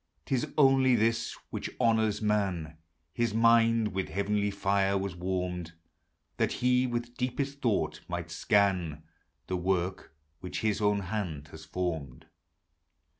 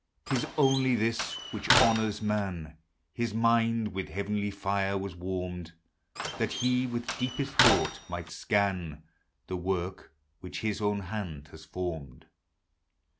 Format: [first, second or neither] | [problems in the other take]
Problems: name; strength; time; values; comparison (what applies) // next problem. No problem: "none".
first | background sound (Slam); as loud as the speech